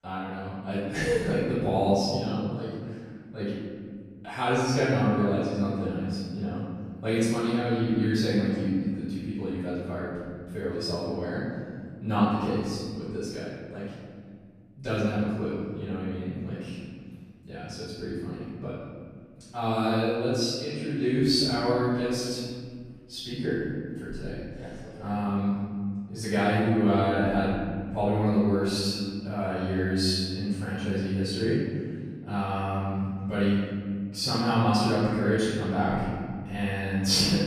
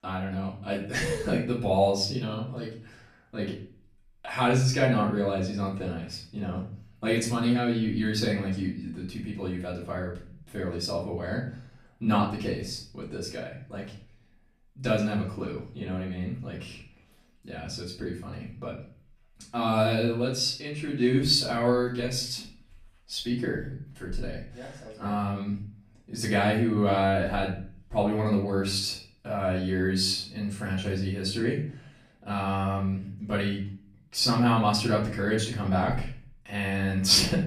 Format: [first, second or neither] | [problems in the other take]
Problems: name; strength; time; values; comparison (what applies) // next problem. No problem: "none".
second | room echo; strong; dies away in 2.2 s; slight in the second // off-mic speech; far; far in the second